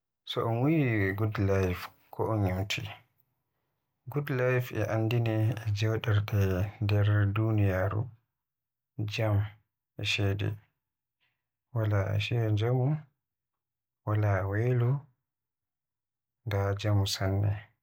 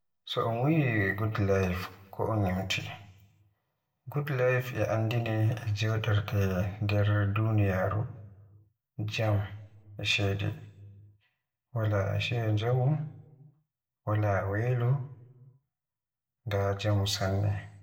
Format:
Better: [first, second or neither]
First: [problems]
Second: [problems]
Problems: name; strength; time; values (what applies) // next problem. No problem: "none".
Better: first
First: none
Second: room echo; dies away in 0.6 s